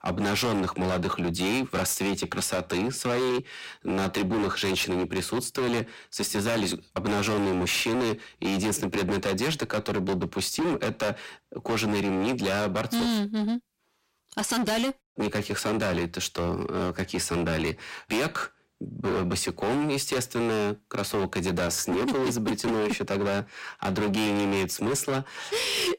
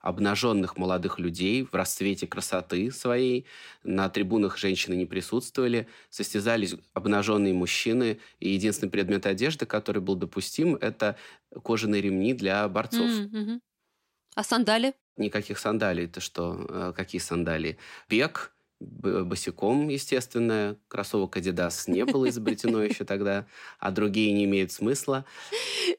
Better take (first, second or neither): second